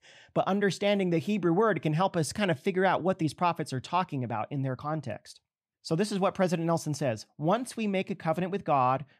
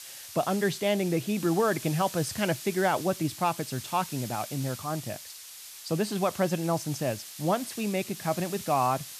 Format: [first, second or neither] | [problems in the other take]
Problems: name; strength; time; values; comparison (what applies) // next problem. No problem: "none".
first | hiss; noticeable; throughout; 10 dB below the speech